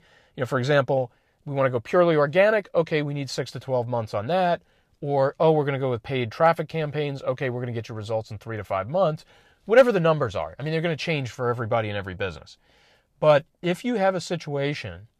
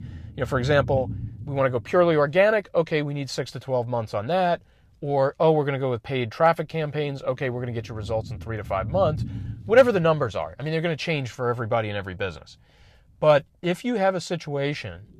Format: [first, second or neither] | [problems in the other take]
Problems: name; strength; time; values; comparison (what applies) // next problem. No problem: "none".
first | low rumble; faint; throughout; 25 dB below the speech